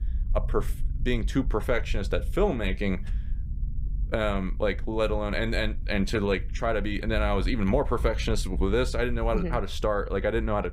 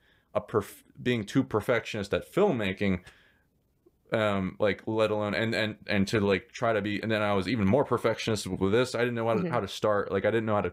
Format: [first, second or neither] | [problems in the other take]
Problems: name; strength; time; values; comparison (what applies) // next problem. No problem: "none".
second | low rumble; faint; throughout; 25 dB below the speech